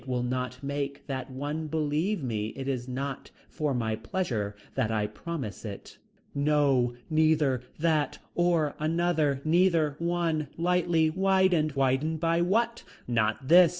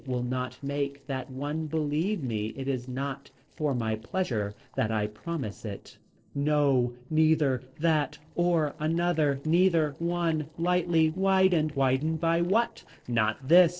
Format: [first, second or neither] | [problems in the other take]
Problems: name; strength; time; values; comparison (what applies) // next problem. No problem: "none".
first | noise reduction (neural separator model SepFormer DNS4)